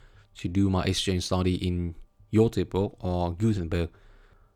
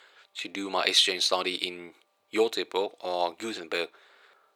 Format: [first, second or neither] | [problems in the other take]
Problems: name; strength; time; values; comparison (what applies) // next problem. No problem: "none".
first | thin; very; fading below 500 Hz